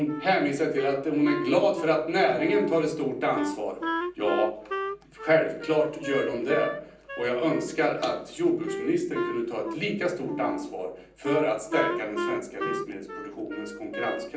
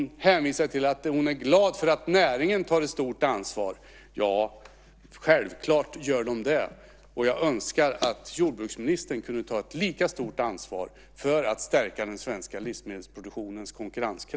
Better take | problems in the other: second | background sound (Wind instrument, woodwind instrument); 8 dB below the speech // room echo; dies away in 0.6 s

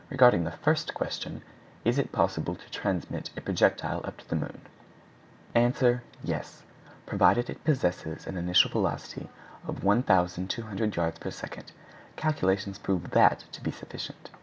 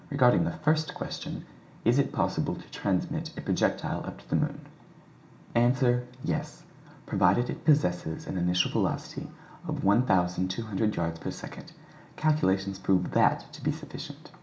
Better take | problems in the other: first | room echo; dies away in 0.4 s

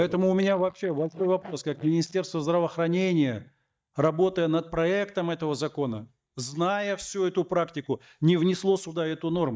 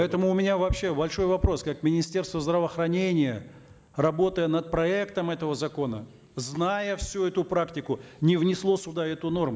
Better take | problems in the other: second | noise reduction (neural mask model DeepFilterNet 3)

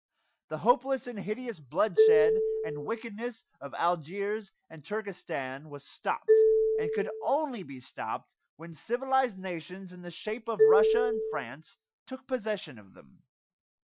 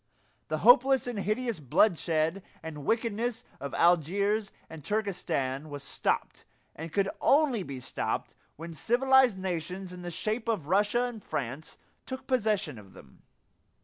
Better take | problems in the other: second | noise reduction (classical method Wiener filter)

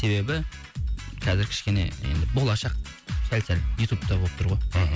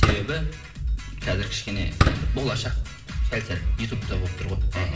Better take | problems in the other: first | background sound (Fireworks); 1 dB below the speech // room echo; dies away in 0.7 s

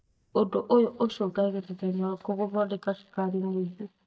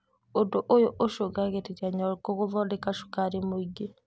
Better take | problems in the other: second | noise reduction (neural mask model DeepFilterNet 3)

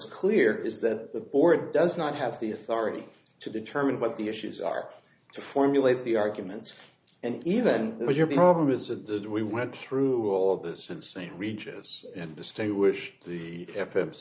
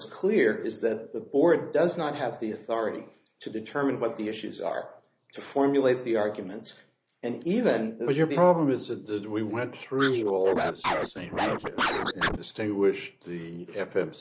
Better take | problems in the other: first | noise reduction (neural mask model Resemble Enhance denoiser)

